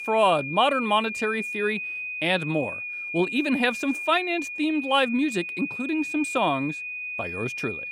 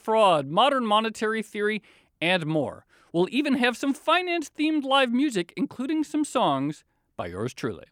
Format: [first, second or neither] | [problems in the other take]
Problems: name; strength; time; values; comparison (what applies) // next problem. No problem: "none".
second | high-pitched whine; loud; throughout; 2.5 kHz, 5 dB below the speech